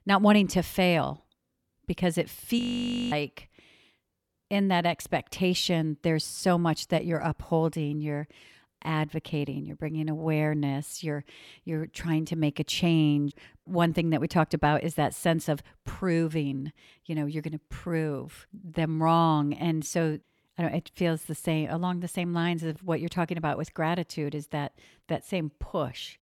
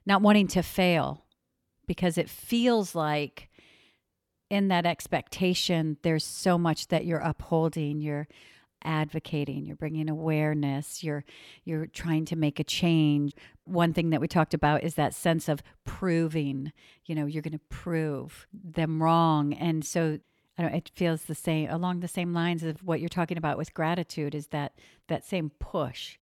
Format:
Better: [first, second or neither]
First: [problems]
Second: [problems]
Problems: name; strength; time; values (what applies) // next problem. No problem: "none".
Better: second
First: audio freezing; at 2.5 s for 0.5 s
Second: none